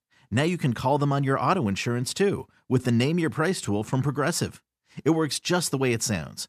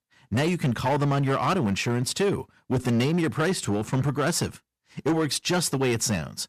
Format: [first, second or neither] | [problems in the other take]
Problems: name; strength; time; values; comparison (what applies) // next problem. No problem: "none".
first | distortion; slight; 12% of the sound clipped